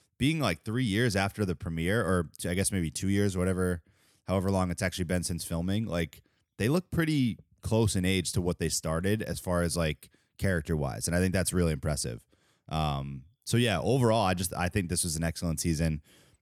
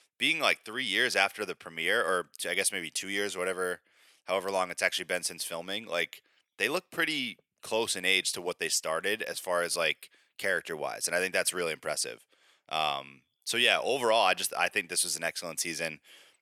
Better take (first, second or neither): first